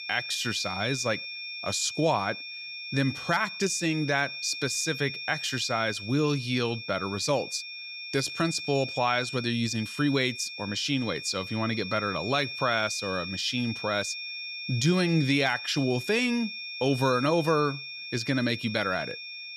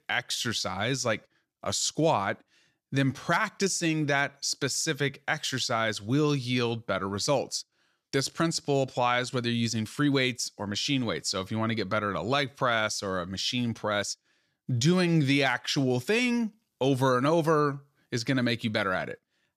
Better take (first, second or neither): second